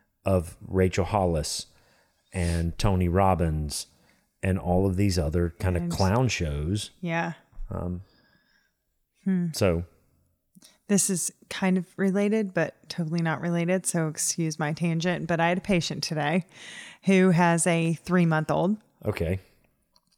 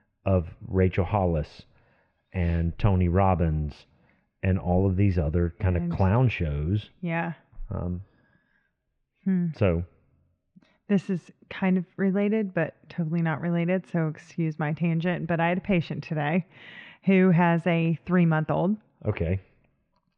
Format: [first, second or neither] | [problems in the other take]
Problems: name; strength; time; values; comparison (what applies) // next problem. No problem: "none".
first | muffled; very; fading above 2.5 kHz